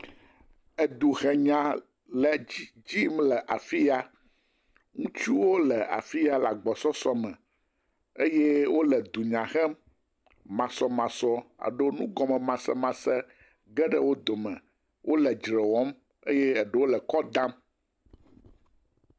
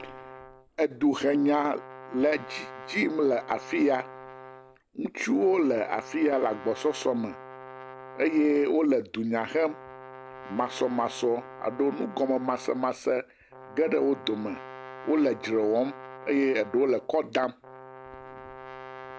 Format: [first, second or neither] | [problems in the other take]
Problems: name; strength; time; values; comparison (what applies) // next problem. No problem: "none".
first | background sound (Brass instrument); 16 dB below the speech